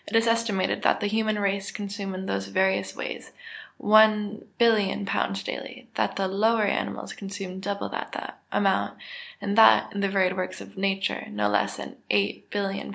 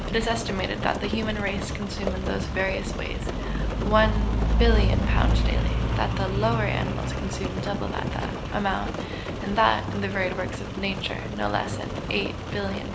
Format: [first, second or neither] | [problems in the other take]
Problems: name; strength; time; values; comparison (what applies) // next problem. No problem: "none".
first | background sound (Rain); 2 dB above the speech